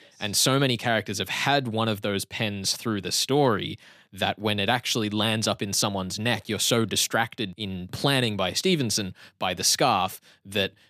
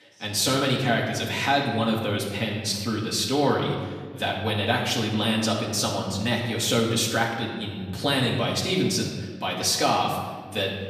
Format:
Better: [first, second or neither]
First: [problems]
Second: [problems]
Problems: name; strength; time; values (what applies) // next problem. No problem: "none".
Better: first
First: none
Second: room echo; noticeable; dies away in 1.4 s // off-mic speech; far